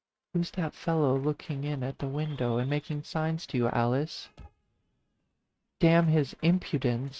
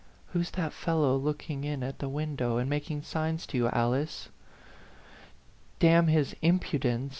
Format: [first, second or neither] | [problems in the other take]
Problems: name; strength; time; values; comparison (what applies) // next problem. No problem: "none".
second | noise reduction (neural mask model RNNoise)